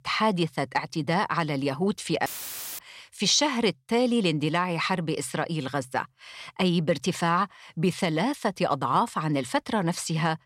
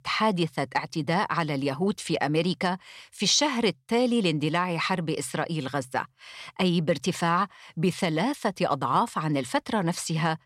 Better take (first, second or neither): second